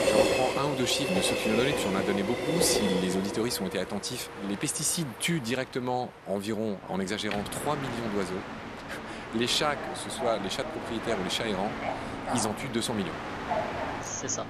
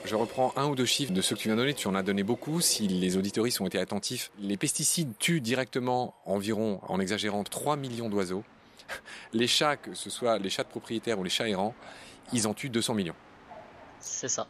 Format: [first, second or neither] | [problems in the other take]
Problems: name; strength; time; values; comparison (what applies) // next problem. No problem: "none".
second | train or aircraft noise; loud; throughout; 2 dB below the speech; faint in the second